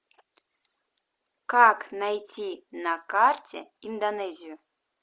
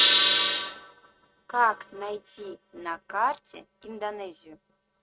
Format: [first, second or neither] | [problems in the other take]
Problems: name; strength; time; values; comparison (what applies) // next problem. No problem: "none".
first | noise reduction (neural mask model RNNoise)